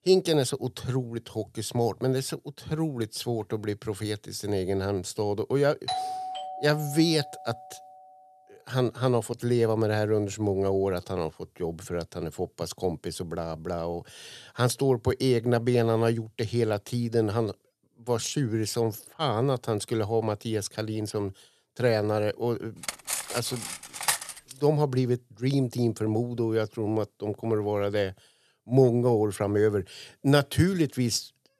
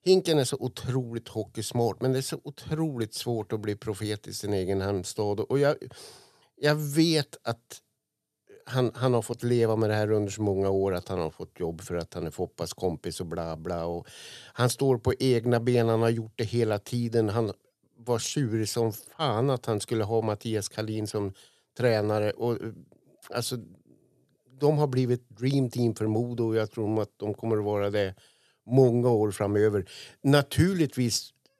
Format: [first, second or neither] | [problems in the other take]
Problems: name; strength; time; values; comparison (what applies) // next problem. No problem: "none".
second | doorbell; noticeable; from 6 to 7.5 s; peak 3 dB below the speech // clattering dishes; loud; from 23 to 25 s; peak 1 dB above the speech